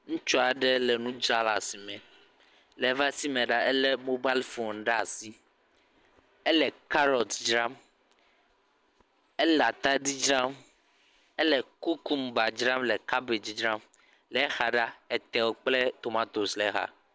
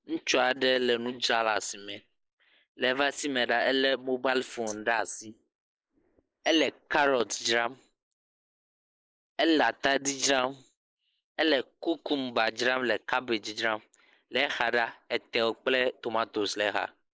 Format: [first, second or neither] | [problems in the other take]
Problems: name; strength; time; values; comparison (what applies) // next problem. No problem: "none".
first | noise reduction (neural mask model Resemble Enhance denoiser)